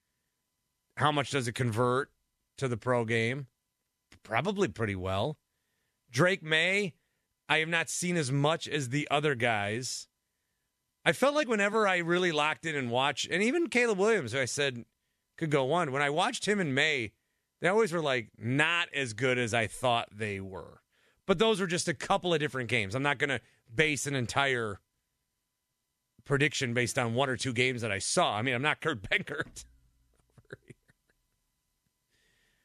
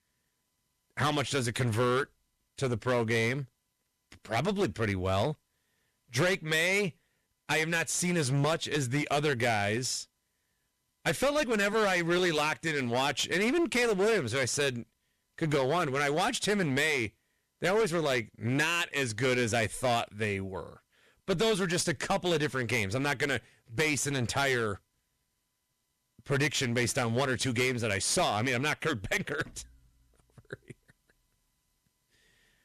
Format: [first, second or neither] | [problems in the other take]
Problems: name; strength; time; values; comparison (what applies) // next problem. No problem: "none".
first | distortion; heavy; 11% of the sound clipped